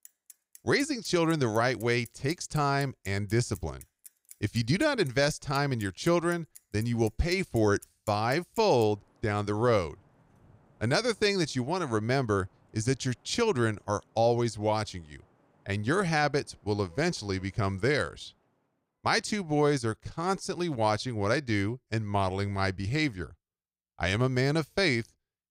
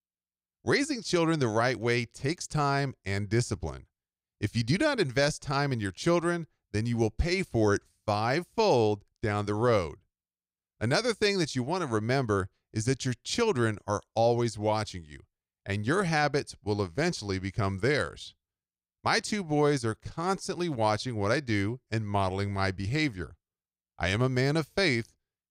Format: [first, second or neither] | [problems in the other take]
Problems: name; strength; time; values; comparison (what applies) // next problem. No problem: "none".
second | traffic noise; faint; until 18 s; 25 dB below the speech